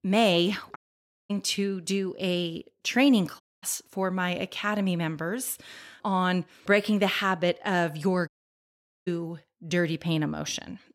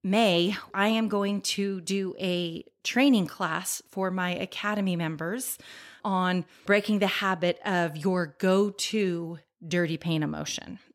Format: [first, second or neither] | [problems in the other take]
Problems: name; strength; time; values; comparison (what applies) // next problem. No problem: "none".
second | audio cutting out; at 1 s for 0.5 s, at 3.5 s and at 8.5 s for 1 s